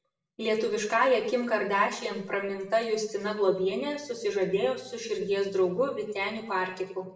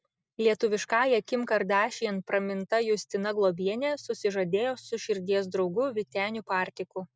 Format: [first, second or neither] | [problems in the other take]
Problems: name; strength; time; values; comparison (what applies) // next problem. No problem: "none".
second | room echo; dies away in 0.6 s